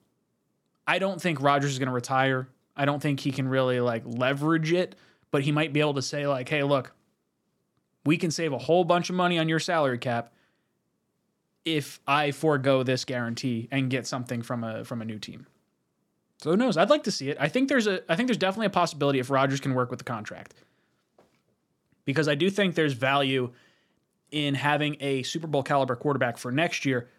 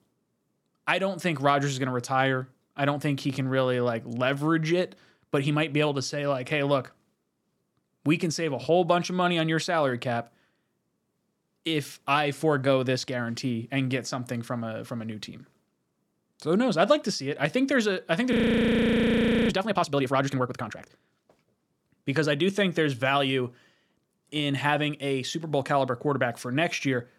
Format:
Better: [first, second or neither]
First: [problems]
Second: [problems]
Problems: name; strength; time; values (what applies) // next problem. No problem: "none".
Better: first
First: none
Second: audio freezing; at 18 s for 1 s